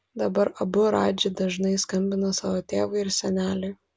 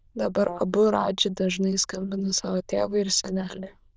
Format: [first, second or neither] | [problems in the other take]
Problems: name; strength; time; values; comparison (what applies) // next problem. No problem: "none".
first | noise reduction (neural diffusion model UNIVERSE++)